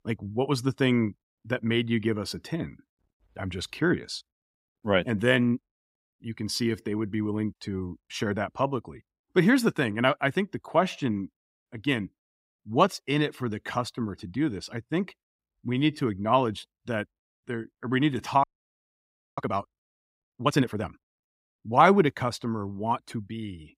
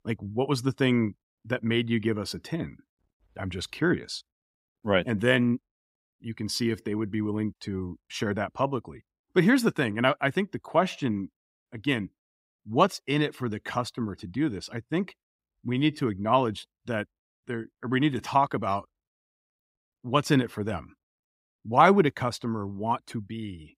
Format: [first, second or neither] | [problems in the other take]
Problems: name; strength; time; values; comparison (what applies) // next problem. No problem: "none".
second | audio freezing; at 18 s for 1 s